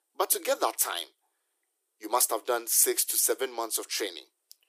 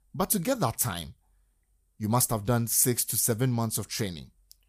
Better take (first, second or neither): second